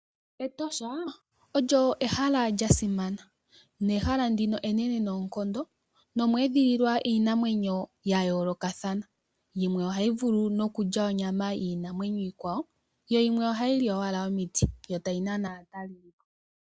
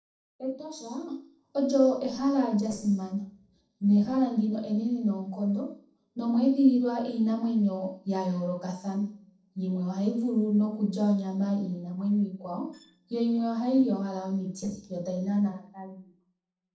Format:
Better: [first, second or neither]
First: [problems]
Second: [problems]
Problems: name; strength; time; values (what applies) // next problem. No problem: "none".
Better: first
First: none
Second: noise reduction (neural separator model SepFormer DNS4)